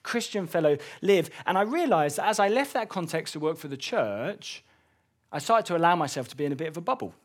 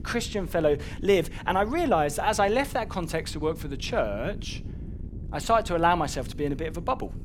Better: first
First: none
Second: wind noise on the microphone; occasional gusts; 25 dB below the speech

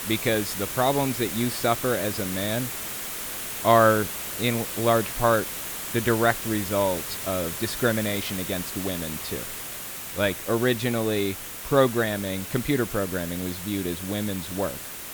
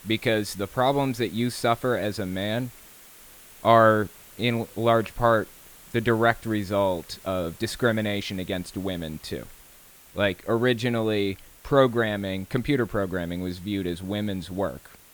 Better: second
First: hiss; loud; throughout; 6 dB below the speech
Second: hiss; faint; throughout; 20 dB below the speech

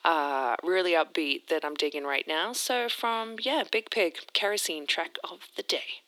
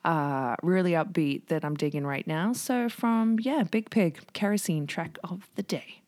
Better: second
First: thin; very; fading below 350 Hz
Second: none

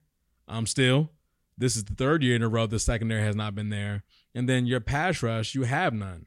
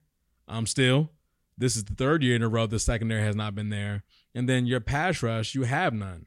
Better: neither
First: none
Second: none

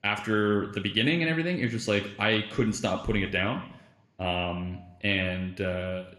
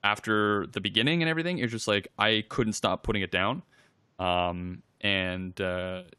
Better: second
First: room echo; very slight; dies away in 0.7 s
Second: none

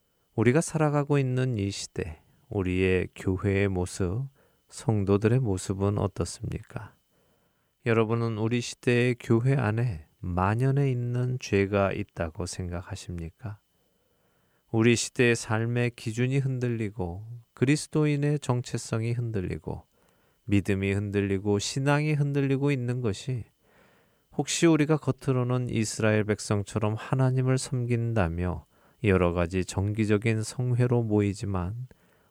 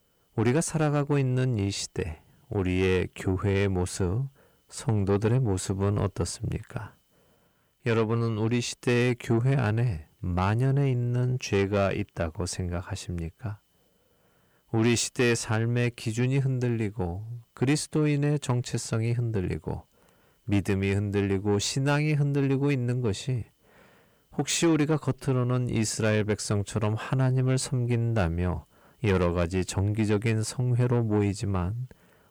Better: first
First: none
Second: distortion; slight; 10 dB below the speech

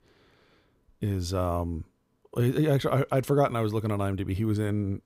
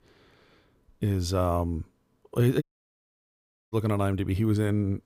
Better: first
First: none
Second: audio cutting out; at 2.5 s for 1 s

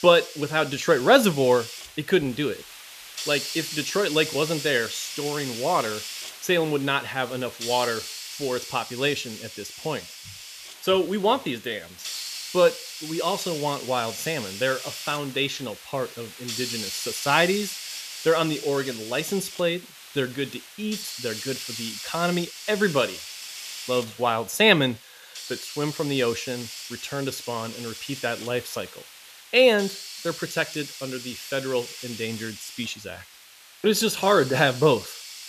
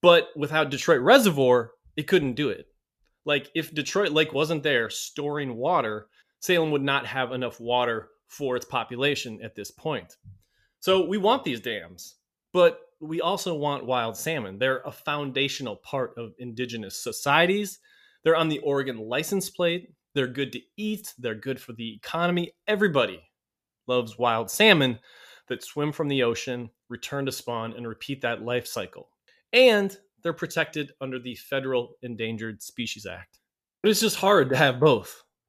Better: second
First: hiss; loud; throughout; 10 dB below the speech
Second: none

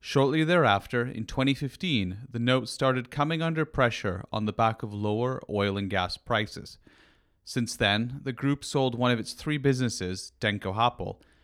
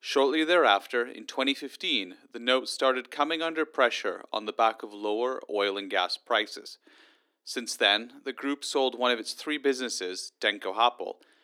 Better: first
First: none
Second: thin; somewhat; fading below 300 Hz

